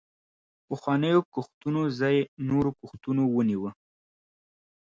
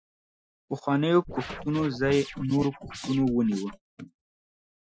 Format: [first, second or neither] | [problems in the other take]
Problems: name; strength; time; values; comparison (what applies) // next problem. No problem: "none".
first | noise reduction (classical method Wiener filter)